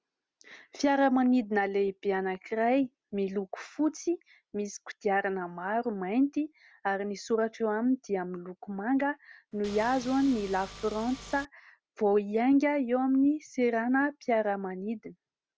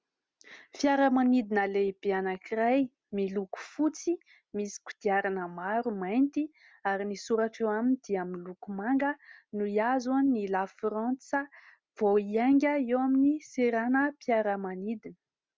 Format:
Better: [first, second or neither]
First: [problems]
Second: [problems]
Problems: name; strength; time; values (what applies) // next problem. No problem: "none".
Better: second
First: background sound (Engine / Car); 16 dB below the speech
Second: none